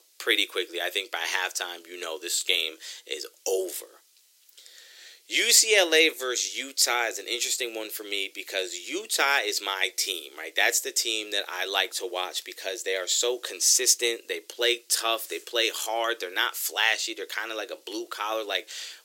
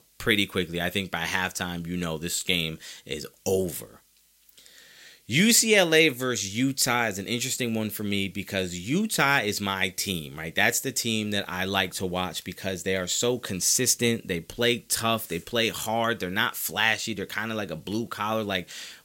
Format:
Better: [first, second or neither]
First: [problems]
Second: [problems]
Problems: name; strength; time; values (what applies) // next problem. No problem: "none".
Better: second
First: thin; very; fading below 350 Hz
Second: none